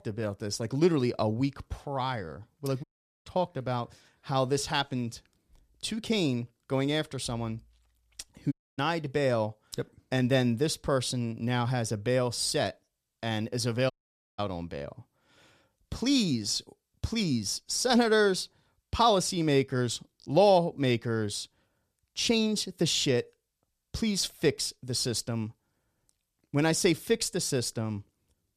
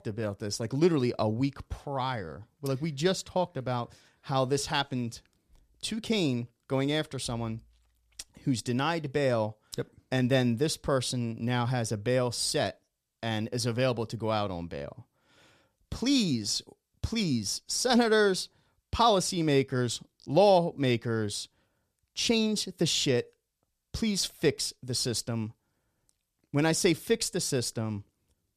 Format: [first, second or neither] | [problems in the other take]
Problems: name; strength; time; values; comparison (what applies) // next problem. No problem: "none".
second | audio cutting out; at 3 s, at 8.5 s and at 14 s